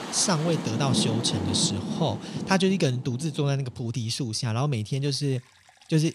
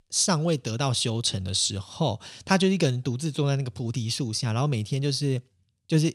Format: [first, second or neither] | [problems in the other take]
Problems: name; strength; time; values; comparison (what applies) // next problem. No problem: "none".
second | rain or running water; loud; throughout; 5 dB below the speech